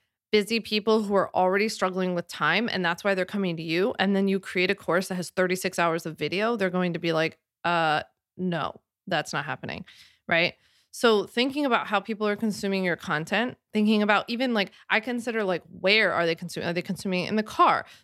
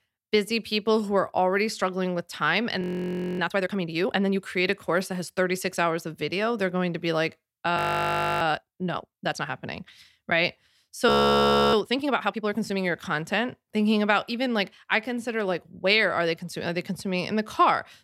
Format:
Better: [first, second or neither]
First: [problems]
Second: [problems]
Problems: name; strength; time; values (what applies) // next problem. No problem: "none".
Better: first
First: none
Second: audio freezing; at 3 s for 0.5 s, at 8 s for 0.5 s and at 11 s for 0.5 s